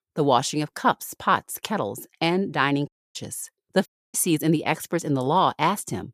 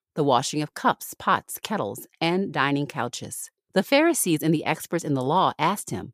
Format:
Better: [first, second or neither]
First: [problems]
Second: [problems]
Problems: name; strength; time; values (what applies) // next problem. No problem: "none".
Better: second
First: audio cutting out; at 3 s and at 4 s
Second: none